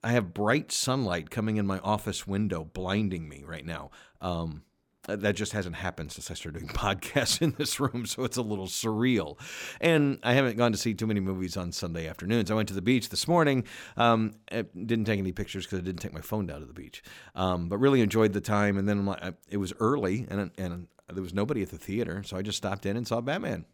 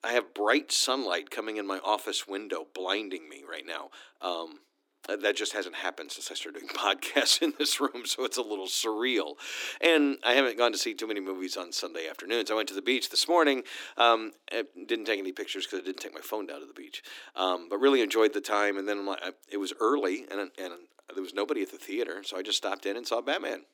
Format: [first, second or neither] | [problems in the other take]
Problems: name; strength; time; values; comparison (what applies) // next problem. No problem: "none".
first | thin; somewhat; fading below 300 Hz